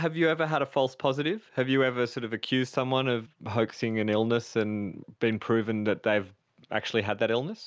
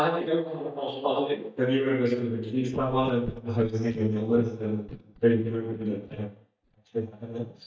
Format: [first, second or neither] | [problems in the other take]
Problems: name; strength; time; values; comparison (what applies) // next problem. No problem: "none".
first | noise reduction (neural mask model DeepFilterNet 3)